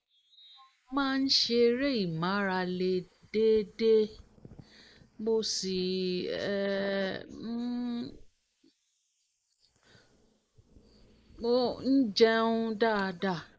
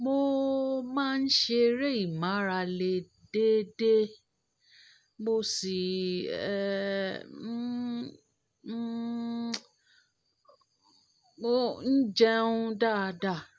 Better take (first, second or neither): second